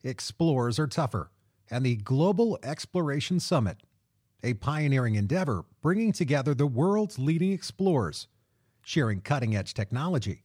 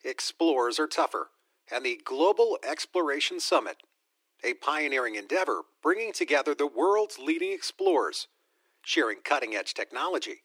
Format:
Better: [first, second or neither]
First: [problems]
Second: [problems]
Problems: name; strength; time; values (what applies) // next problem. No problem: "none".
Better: first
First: none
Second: thin; very; fading below 300 Hz